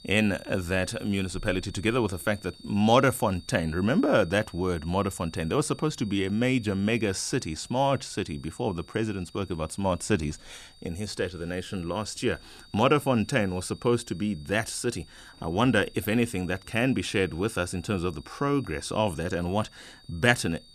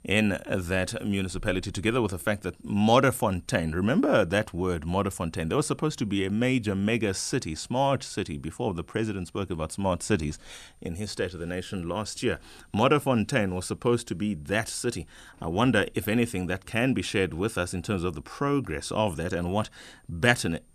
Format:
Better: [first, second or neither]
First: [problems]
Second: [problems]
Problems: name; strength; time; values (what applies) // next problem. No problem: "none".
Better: second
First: high-pitched whine; faint; throughout; 4.5 kHz, 25 dB below the speech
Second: none